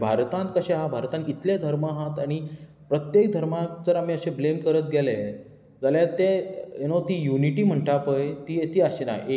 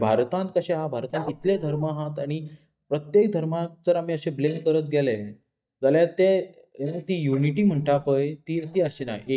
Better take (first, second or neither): first